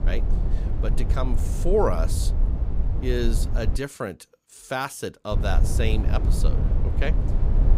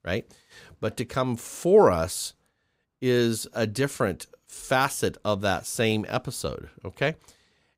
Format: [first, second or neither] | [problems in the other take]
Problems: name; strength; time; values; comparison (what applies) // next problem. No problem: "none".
second | low rumble; loud; until 4 s and from 5.5 s on; 9 dB below the speech